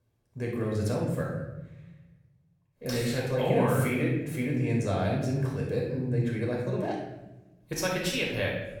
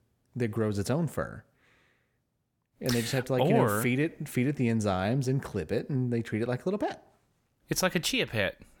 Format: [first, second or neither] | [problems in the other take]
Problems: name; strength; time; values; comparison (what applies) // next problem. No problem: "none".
second | off-mic speech; far // room echo; noticeable; dies away in 1 s